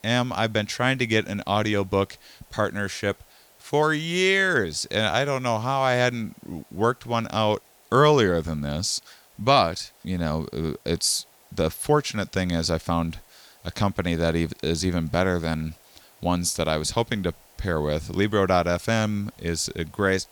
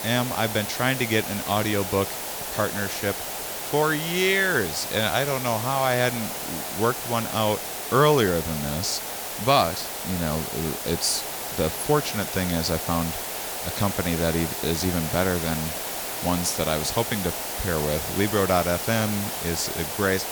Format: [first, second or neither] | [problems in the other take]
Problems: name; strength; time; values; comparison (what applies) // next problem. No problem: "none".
first | hiss; loud; throughout; 4 dB below the speech; faint in the first